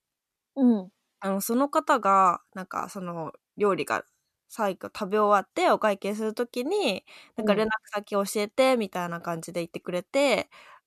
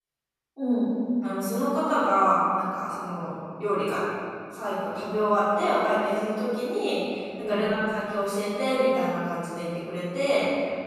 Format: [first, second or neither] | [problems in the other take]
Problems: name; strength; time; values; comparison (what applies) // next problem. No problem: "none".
first | off-mic speech; far // room echo; strong; dies away in 2.1 s